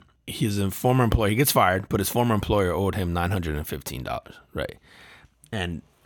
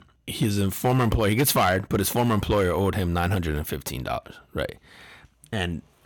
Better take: first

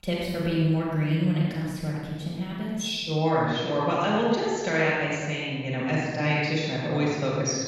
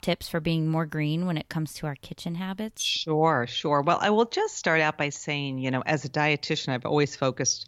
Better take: second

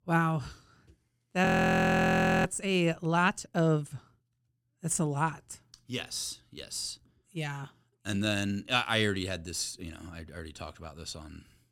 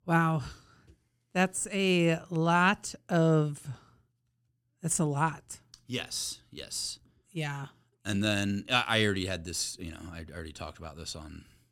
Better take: second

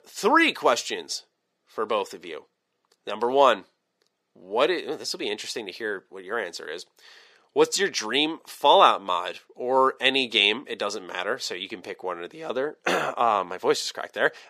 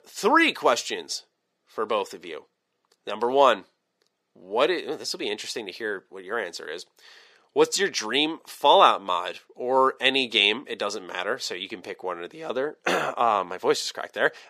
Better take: neither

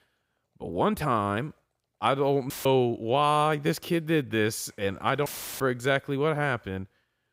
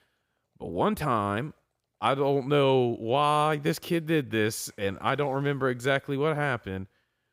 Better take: second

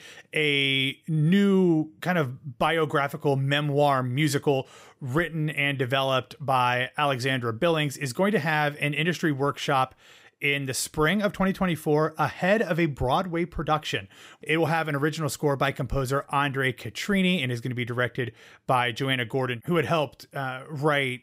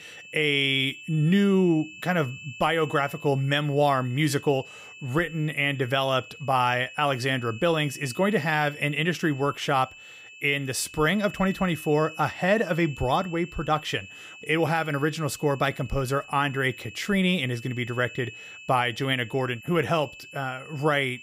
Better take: first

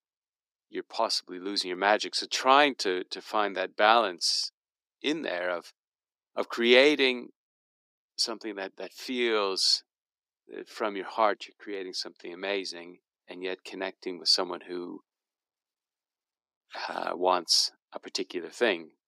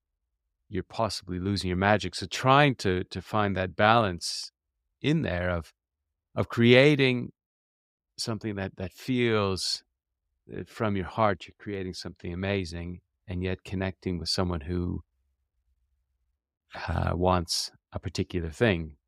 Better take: second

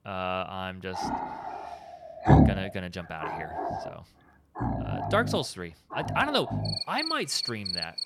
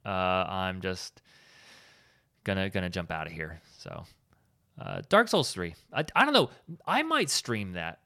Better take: second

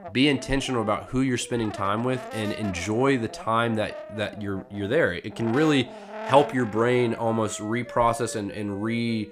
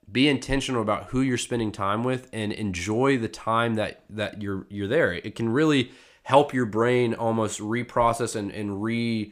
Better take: second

